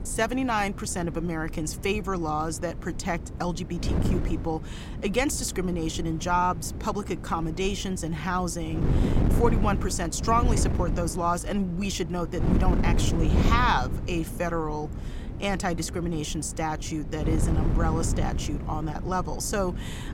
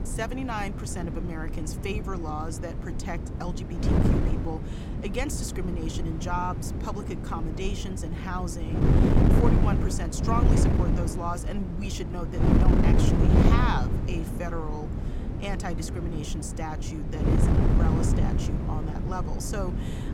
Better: first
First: wind noise on the microphone; occasional gusts; 10 dB below the speech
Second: wind noise on the microphone; heavy; as loud as the speech

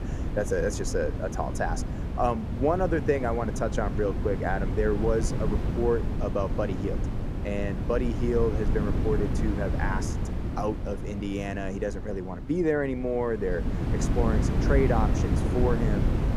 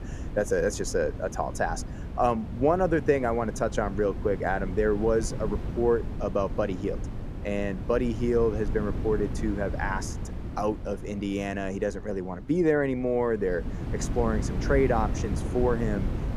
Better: second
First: wind noise on the microphone; heavy; 8 dB below the speech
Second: wind noise on the microphone; occasional gusts; 15 dB below the speech

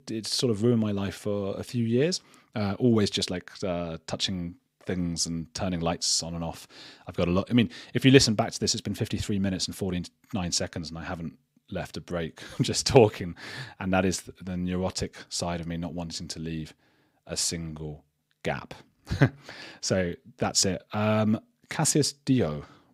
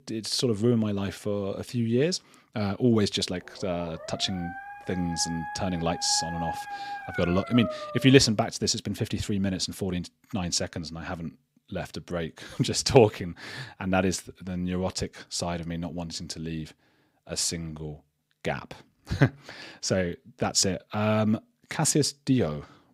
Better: first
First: none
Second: dog barking; noticeable; from 3.5 to 8 s; peak 6 dB below the speech

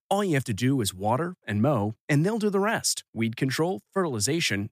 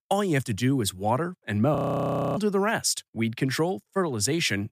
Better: first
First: none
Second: audio freezing; at 2 s for 0.5 s

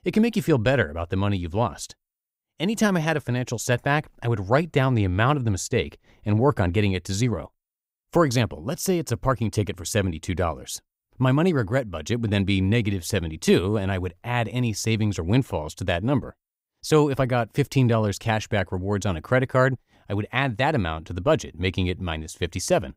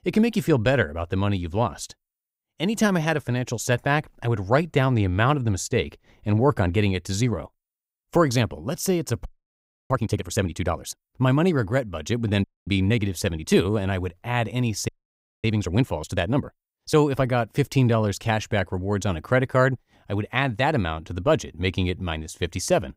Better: first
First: none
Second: audio freezing; at 9.5 s for 0.5 s, at 12 s and at 15 s for 0.5 s

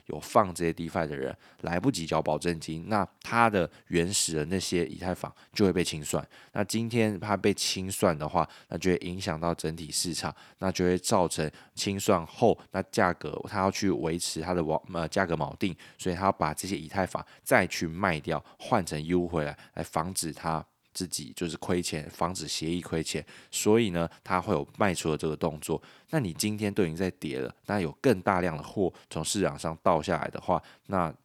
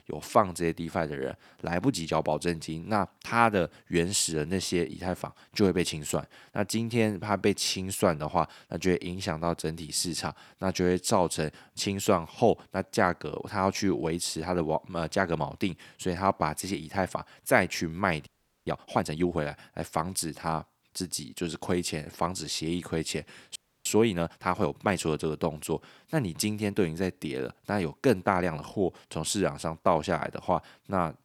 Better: first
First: none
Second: audio freezing; at 18 s and at 24 s

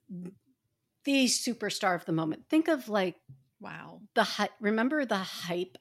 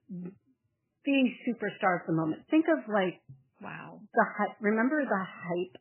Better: first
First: none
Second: garbled, watery; badly; nothing above 3 kHz

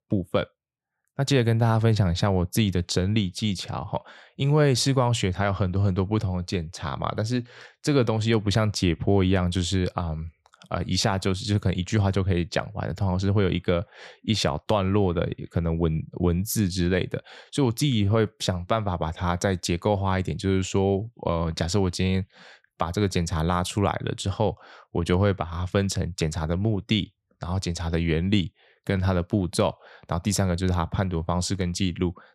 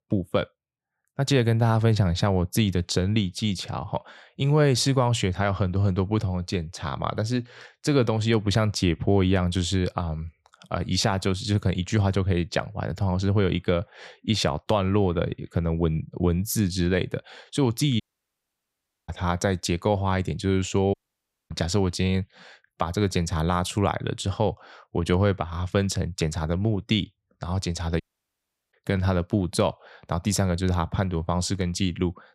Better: first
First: none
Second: audio cutting out; at 18 s for 1 s, at 21 s for 0.5 s and at 28 s for 0.5 s

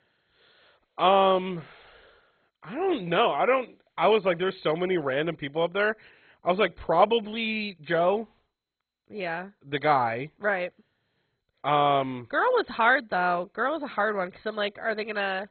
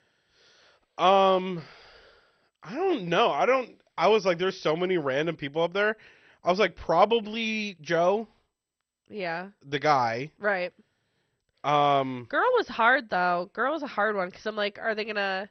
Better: second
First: garbled, watery; badly; nothing above 3.5 kHz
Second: garbled, watery; slightly; nothing above 6 kHz

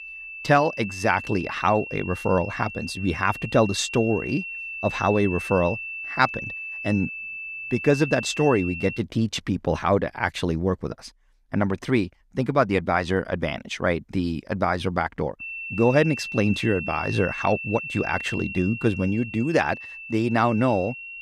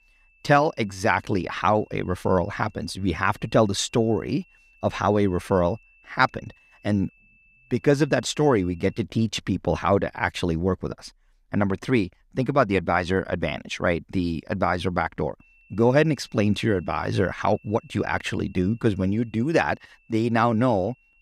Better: second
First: high-pitched whine; loud; until 9 s and from 15 s on; 2.5 kHz, 8 dB below the speech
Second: high-pitched whine; faint; until 9 s and from 15 s on; 2.5 kHz, 35 dB below the speech

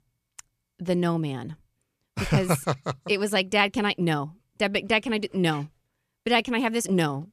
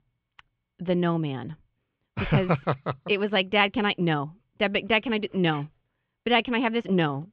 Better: first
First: none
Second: muffled; very; fading above 3.5 kHz

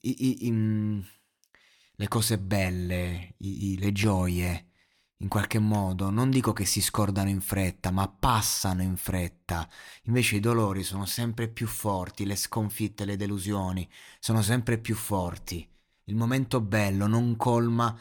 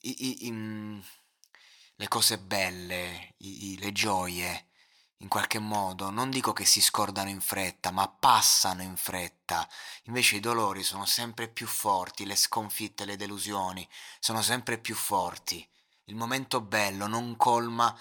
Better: first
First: none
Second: thin; somewhat; fading below 850 Hz

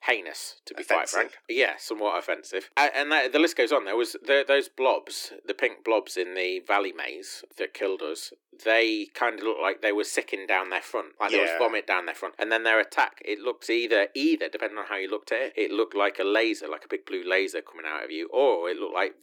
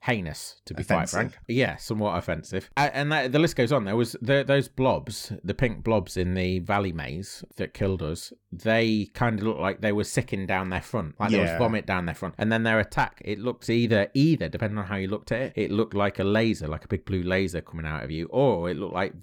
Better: second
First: thin; very; fading below 300 Hz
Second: none

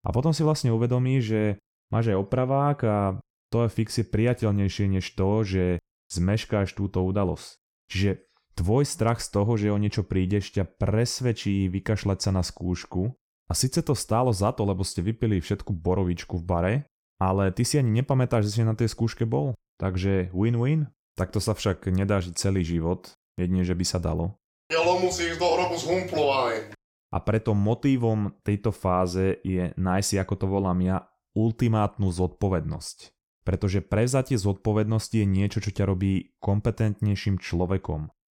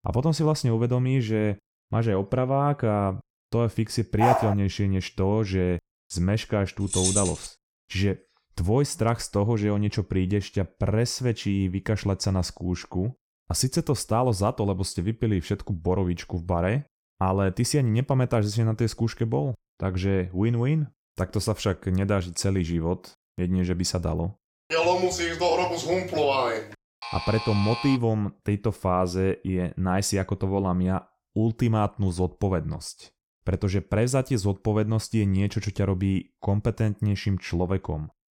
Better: first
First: none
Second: dog barking; loud; at 4 s; peak 3 dB above the speech // jangling keys; loud; at 7 s; peak 2 dB above the speech // alarm; noticeable; at 27 s; peak 6 dB below the speech

